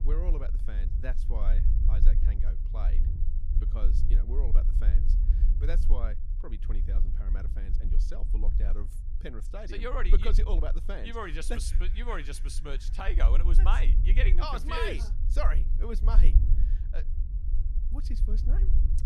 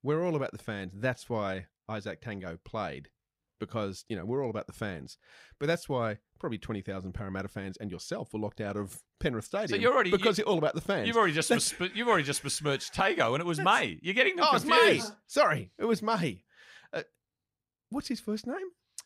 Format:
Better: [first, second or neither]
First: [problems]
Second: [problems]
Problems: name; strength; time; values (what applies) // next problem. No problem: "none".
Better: second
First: low rumble; noticeable; throughout; 10 dB below the speech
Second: none